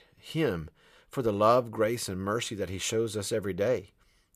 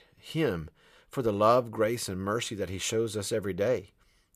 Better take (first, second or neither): neither